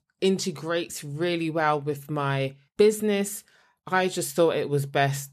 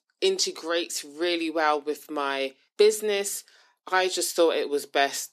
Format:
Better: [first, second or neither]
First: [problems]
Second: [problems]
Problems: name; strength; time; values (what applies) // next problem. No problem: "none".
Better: first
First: none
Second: thin; somewhat; fading below 250 Hz